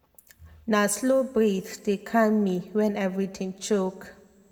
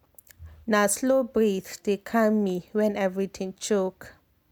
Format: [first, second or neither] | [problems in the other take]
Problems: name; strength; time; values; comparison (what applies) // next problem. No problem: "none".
second | room echo; dies away in 0.9 s